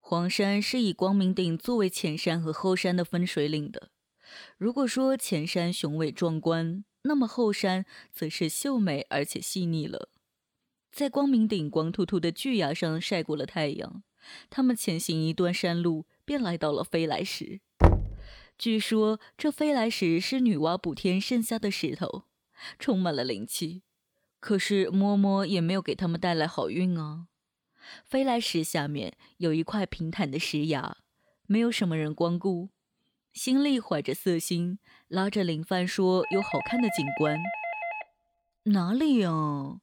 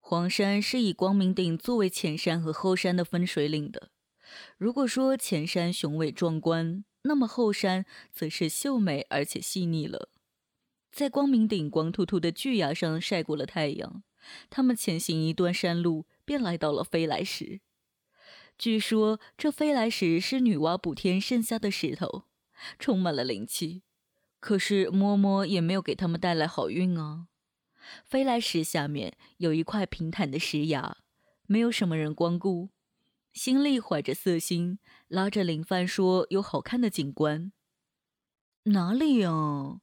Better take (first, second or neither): second